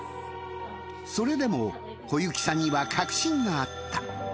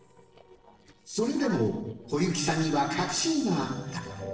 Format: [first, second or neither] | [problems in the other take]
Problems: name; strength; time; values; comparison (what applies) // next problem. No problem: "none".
first | noise reduction (neural separator model SepFormer DNS4)